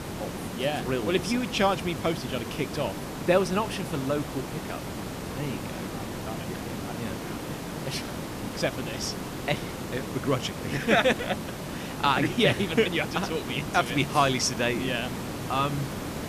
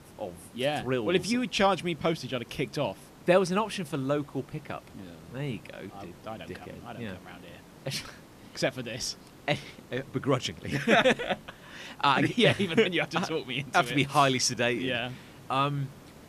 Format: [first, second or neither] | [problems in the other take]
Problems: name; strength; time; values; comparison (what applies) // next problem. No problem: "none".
second | hiss; loud; throughout; 7 dB below the speech; faint in the second